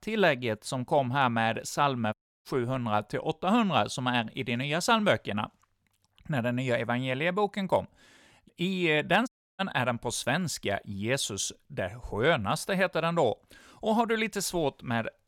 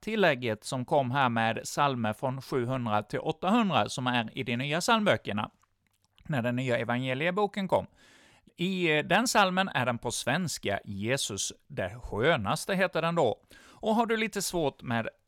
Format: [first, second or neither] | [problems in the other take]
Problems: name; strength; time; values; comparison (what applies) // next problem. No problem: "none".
second | audio cutting out; at 2 s and at 9.5 s